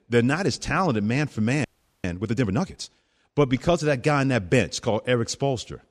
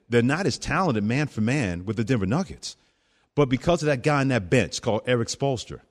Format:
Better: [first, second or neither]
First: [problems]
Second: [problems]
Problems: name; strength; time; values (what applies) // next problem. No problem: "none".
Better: second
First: audio freezing; at 1.5 s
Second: none